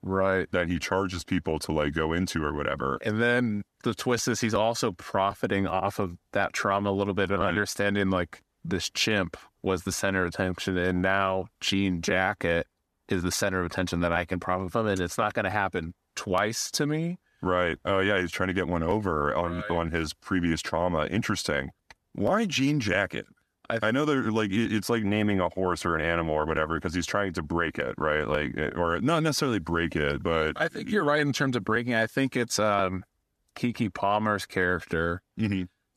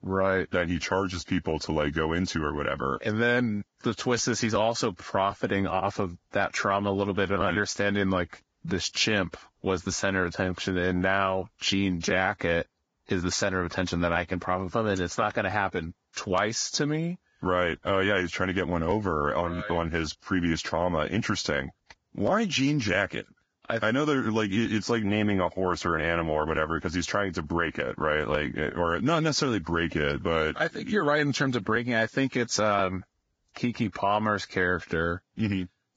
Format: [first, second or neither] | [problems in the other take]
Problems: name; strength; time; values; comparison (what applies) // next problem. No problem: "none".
first | garbled, watery; badly